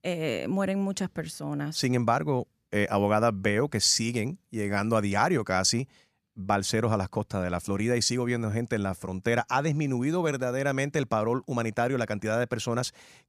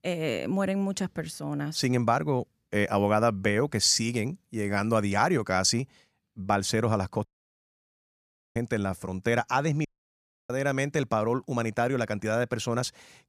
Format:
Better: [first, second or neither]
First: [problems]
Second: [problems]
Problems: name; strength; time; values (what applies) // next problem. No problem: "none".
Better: first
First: none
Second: audio cutting out; at 7.5 s for 1.5 s and at 10 s for 0.5 s